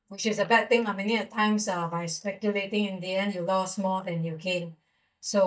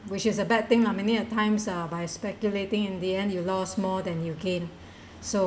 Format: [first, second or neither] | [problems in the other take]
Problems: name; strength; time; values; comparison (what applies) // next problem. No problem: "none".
second | noise reduction (neural mask model DeepFilterNet 3)